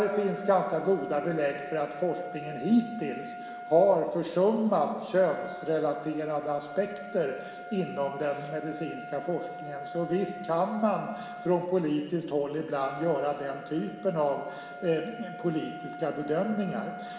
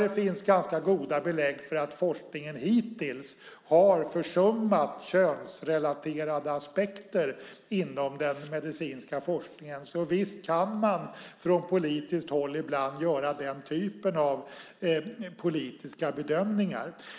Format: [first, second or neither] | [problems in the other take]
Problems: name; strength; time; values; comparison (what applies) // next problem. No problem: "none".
second | background sound (Trumpet); 13 dB below the speech // room echo; dies away in 2.8 s